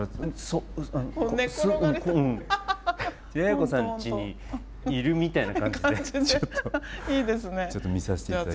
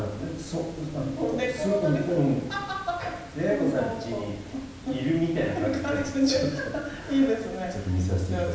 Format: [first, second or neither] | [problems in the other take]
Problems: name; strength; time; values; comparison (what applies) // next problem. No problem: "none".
first | background sound (Water); 17 dB below the speech // room echo; dies away in 0.9 s